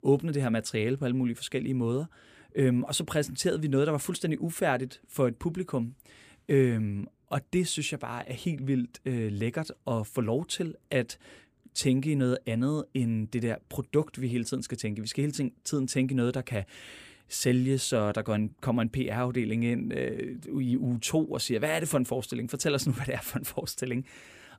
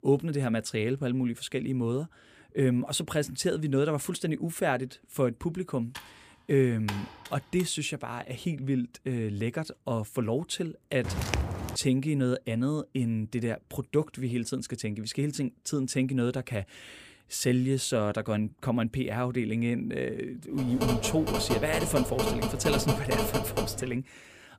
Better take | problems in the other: first | keyboard typing; noticeable; from 6 to 7.5 s; peak 9 dB below the speech // footsteps; noticeable; at 11 s; peak level with the speech // phone ringing; loud; from 21 to 24 s; peak 1 dB above the speech

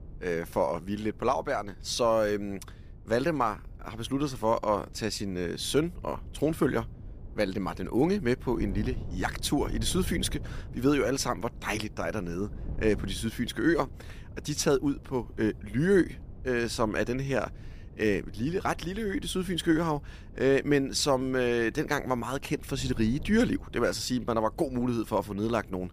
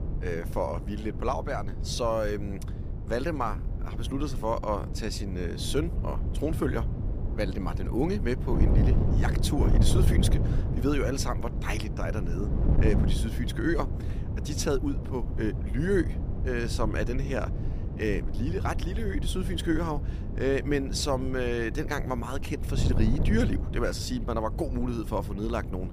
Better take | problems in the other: first | wind noise on the microphone; heavy; 9 dB below the speech; occasional gusts in the first

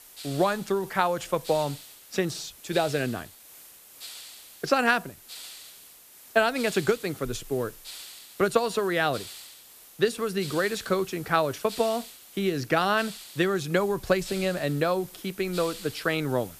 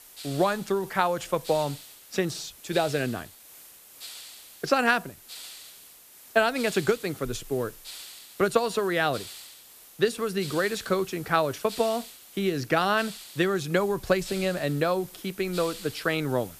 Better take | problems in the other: neither | hiss; noticeable; throughout; 15 dB below the speech; the same in both

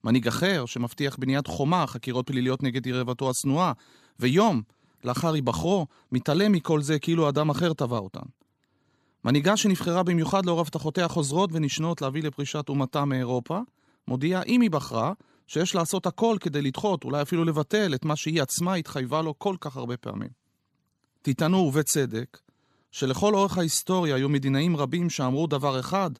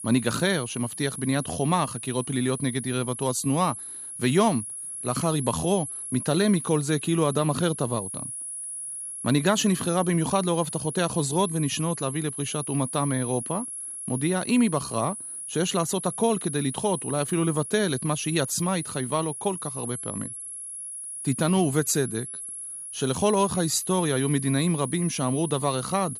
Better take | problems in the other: first | high-pitched whine; loud; throughout; 10.5 kHz, 7 dB below the speech

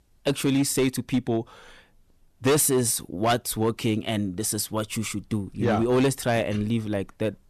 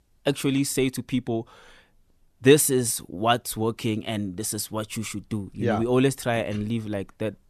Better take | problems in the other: second | distortion; heavy; 5% of the sound clipped

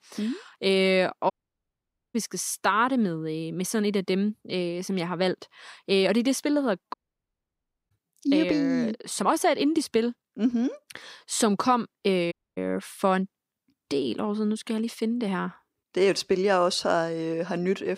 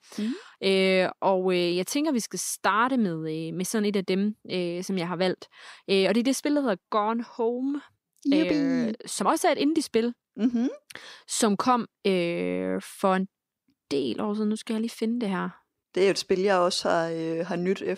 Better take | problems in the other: second | audio cutting out; at 1.5 s for 1 s, at 7 s for 1 s and at 12 s

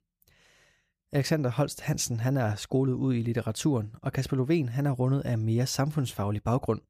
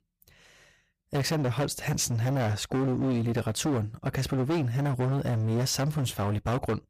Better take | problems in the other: first | distortion; heavy; 24% of the sound clipped

